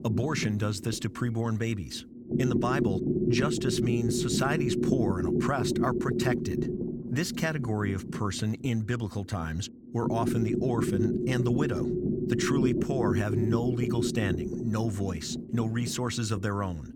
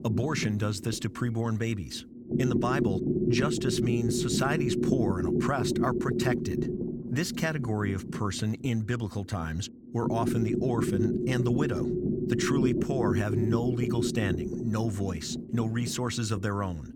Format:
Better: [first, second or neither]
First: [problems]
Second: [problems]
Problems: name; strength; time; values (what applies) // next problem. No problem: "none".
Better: neither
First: low rumble; loud; throughout; 1 dB below the speech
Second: low rumble; loud; throughout; 1 dB below the speech